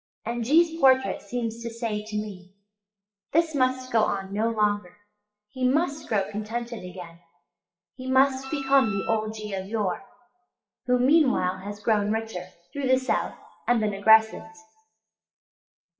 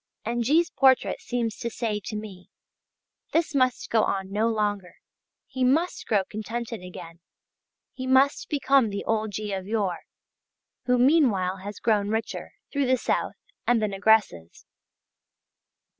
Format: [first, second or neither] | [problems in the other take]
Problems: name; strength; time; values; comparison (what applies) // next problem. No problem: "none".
second | noise reduction (classical method WPE with log-MMSE)